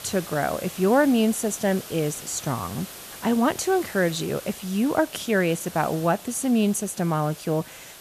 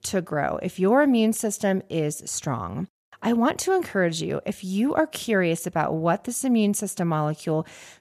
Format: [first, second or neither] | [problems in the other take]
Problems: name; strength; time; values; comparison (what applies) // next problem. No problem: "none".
second | hiss; noticeable; throughout; 15 dB below the speech